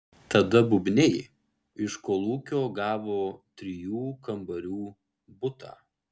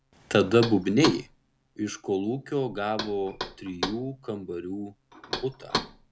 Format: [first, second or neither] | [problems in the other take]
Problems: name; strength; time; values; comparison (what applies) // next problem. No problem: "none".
first | background sound (Knock); 9 dB below the speech